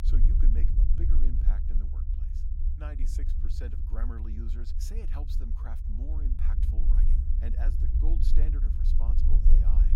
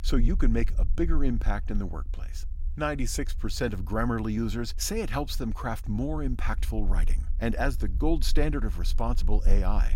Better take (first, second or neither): second